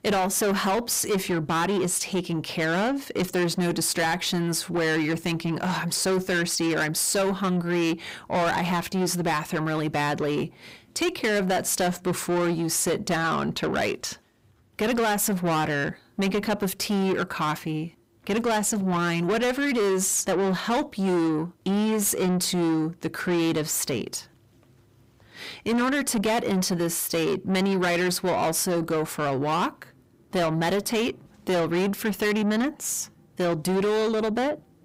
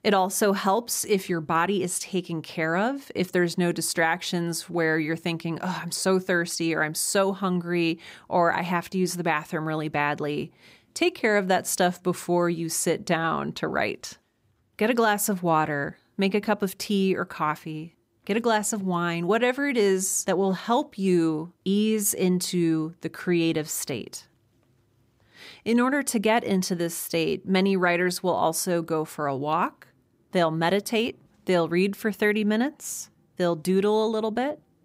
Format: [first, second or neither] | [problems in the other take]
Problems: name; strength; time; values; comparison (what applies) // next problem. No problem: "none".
second | distortion; heavy; 8 dB below the speech